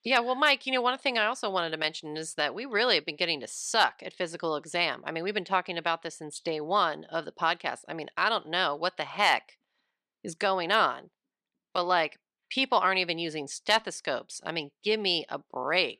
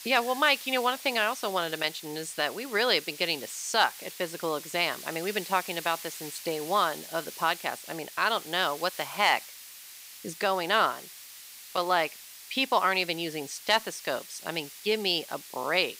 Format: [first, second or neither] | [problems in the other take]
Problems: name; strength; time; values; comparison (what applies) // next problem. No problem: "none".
first | hiss; noticeable; throughout; 15 dB below the speech